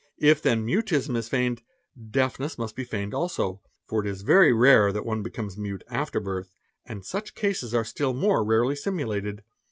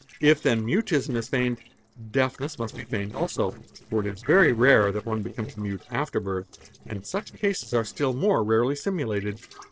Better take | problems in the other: first | noise reduction (neural separator model SepFormer DNS4)

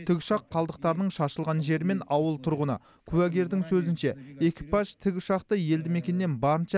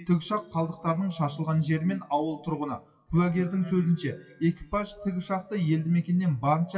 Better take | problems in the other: first | noise reduction (classical method WPE with log-MMSE)

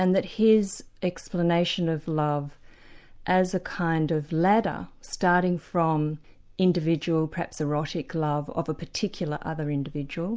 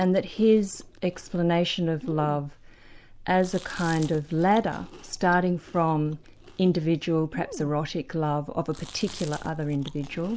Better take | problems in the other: first | background sound (Chewing, mastication); 20 dB below the speech

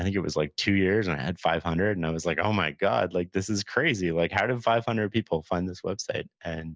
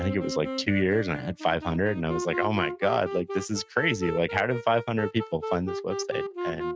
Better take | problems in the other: first | noise reduction (neural mask model RNNoise)

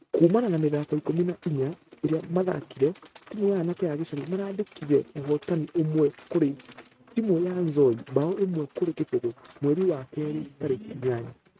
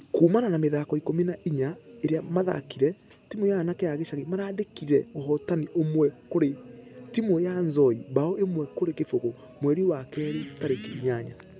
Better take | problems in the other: second | noise reduction (neural mask model RNNoise)

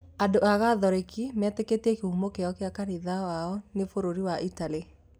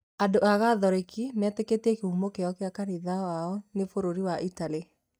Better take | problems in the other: first | noise reduction (neural mask model DeepFilterNet 3)

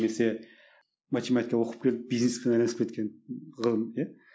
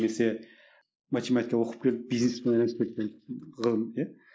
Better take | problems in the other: first | noise reduction (neural mask model Resemble Enhance denoiser)

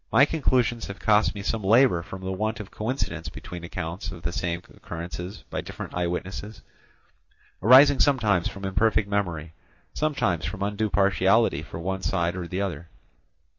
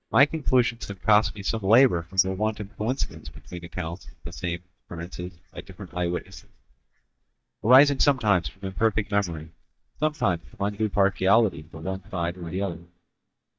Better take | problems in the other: first | noise reduction (neural mask model DeepFilterNet 3)

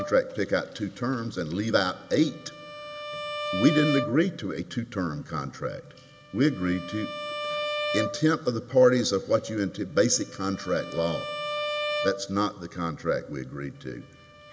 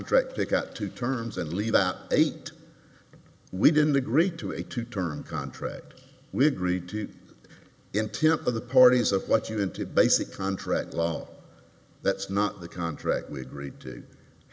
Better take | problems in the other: second | background sound (Bowed string instrument); 9 dB below the speech

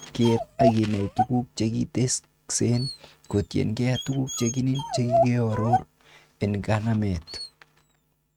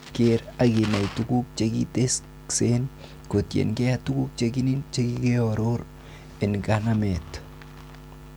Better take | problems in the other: second | noise reduction (neural mask model RNNoise)

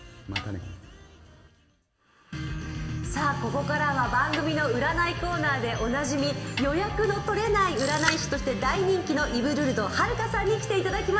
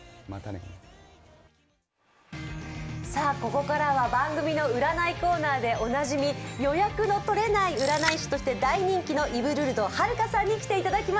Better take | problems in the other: second | background sound (Snare drum); 13 dB below the speech // room echo; dies away in 1.6 s

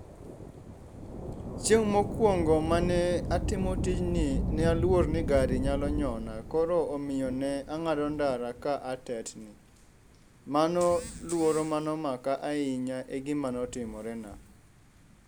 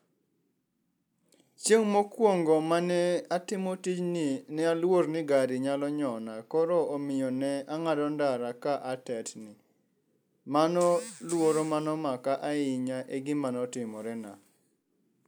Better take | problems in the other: second | background sound (Thunder / Rain); 6 dB below the speech

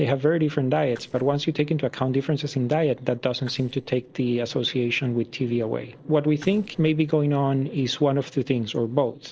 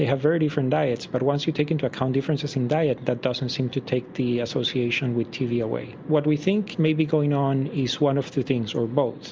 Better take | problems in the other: second | noise reduction (neural separator model SepFormer DNS4)

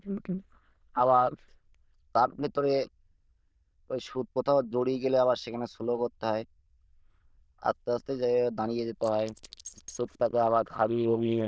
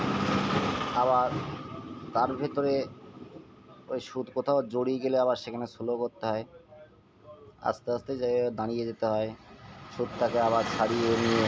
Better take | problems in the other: second | noise reduction (neural diffusion model UNIVERSE++)

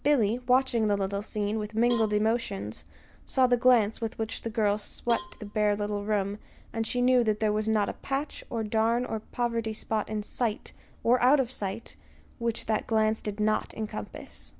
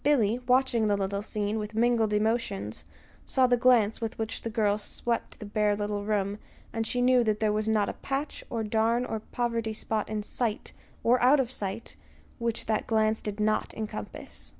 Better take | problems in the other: second | background sound (Cowbell); 19 dB below the speech

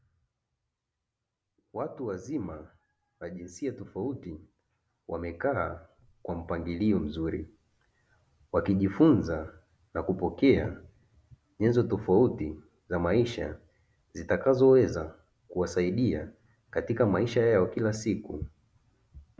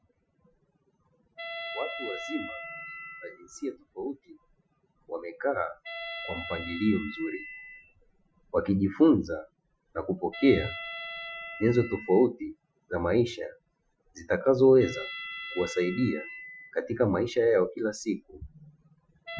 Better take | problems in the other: first | noise reduction (classical method Wiener filter)

